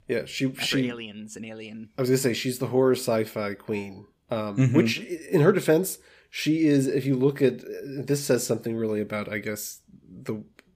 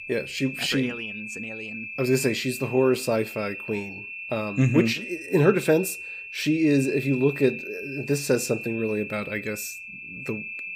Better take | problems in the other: first | high-pitched whine; loud; throughout; 2.5 kHz, 10 dB below the speech

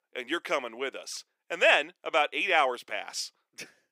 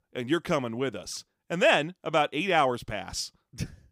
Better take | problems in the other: second | thin; somewhat; fading below 400 Hz

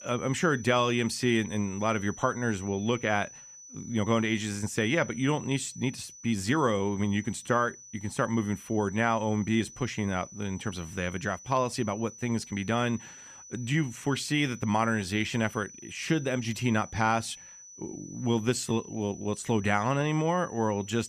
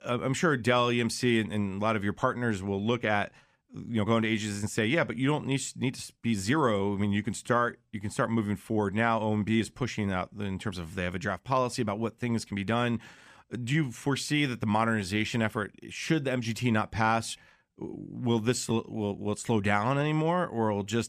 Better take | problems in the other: second | high-pitched whine; noticeable; throughout; 6 kHz, 15 dB below the speech

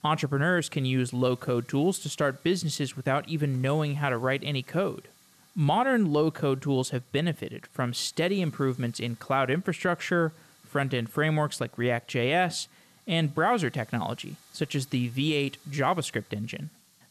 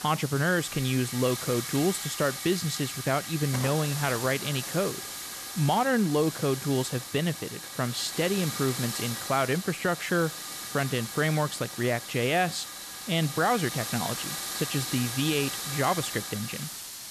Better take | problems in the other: first | hiss; loud; throughout; 6 dB below the speech; faint in the first

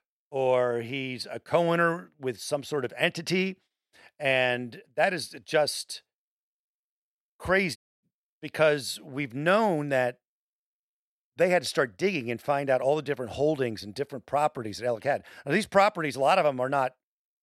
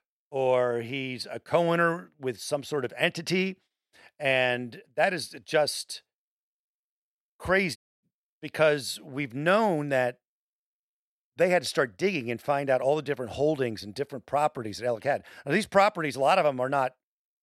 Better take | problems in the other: neither | audio cutting out; at 8 s; the same in both

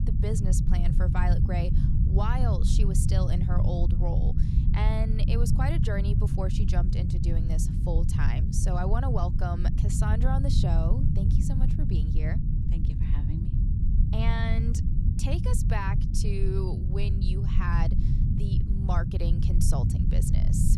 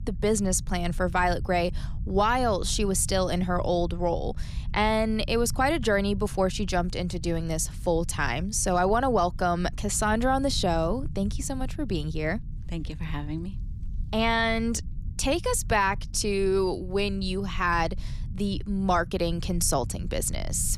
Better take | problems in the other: second | low rumble; loud; throughout; 3 dB below the speech; faint in the second

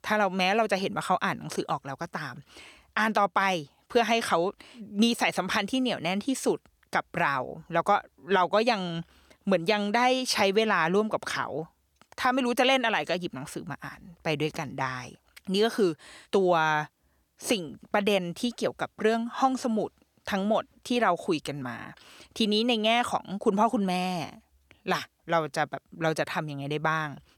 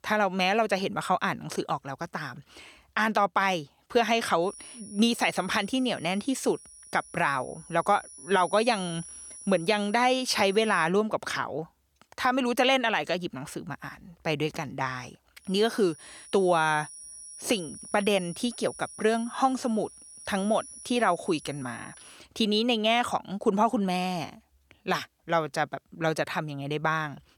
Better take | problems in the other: first | high-pitched whine; noticeable; from 4.5 to 11 s and from 15 to 22 s; 10 kHz, 15 dB below the speech

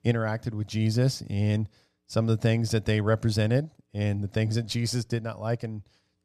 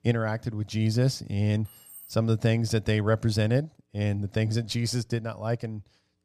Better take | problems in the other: first | jangling keys; faint; at 1.5 s; peak 15 dB below the speech

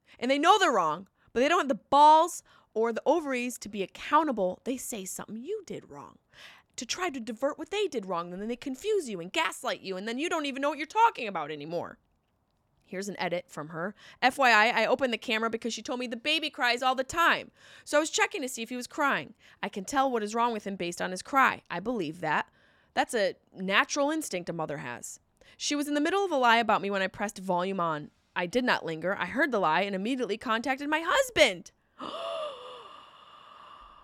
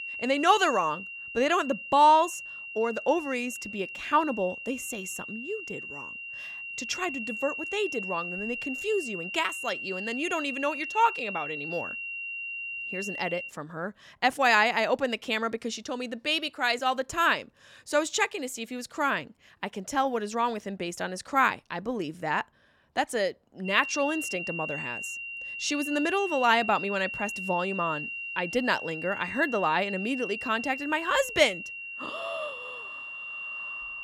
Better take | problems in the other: first | high-pitched whine; loud; until 13 s and from 24 s on; 3 kHz, 7 dB below the speech

